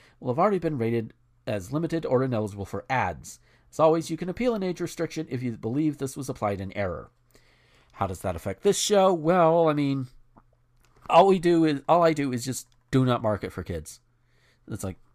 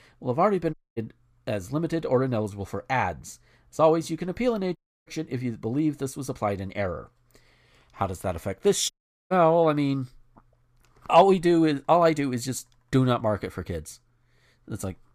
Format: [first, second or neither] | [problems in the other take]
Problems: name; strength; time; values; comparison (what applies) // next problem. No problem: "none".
first | audio cutting out; at 0.5 s, at 5 s and at 9 s